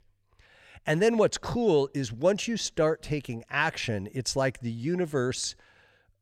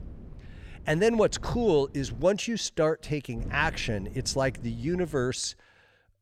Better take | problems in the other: first | wind noise on the microphone; occasional gusts; until 2 s and from 3.5 to 5.5 s; 25 dB below the speech

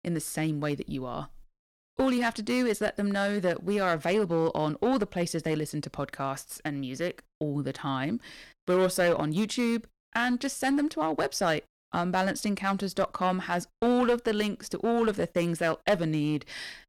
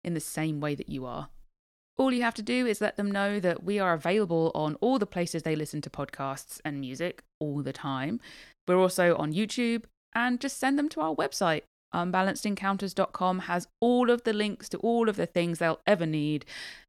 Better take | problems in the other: second | distortion; slight; 5% of the sound clipped

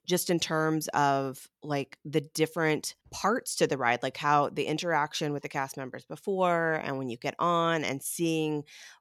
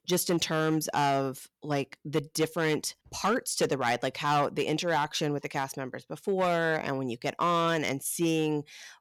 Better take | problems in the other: first | distortion; slight; 5% of the sound clipped

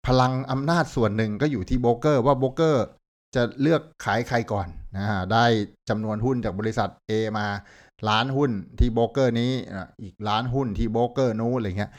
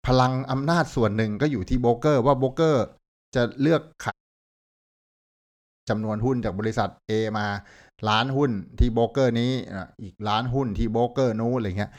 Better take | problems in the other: first | audio cutting out; at 4 s for 1.5 s

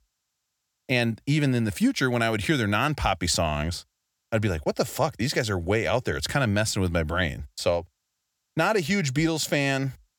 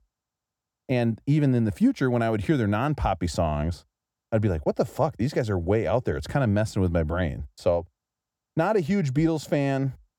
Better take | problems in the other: first | muffled; slightly; fading above 1.5 kHz

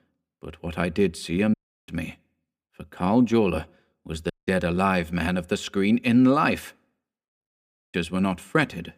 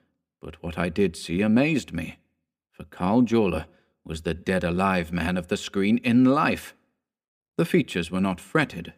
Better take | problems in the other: second | audio cutting out; at 1.5 s, at 4.5 s and at 7.5 s

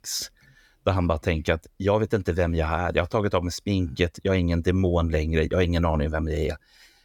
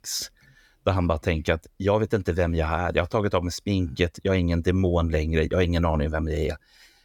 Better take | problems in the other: neither | none

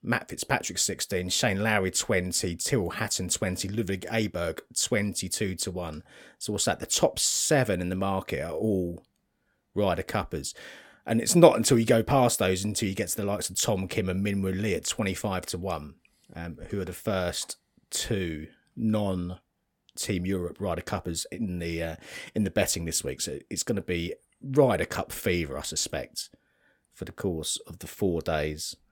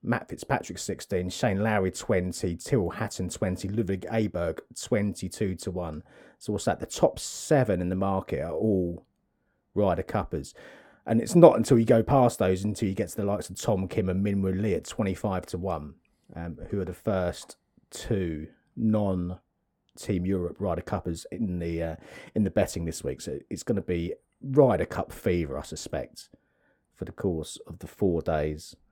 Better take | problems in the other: first | muffled; slightly; fading above 1.5 kHz

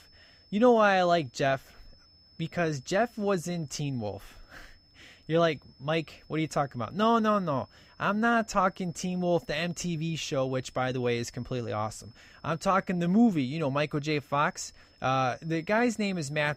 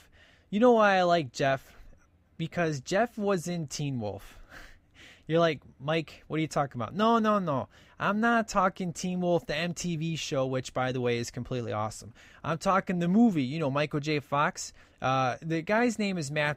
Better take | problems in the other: second | high-pitched whine; faint; throughout; 5 kHz, 30 dB below the speech

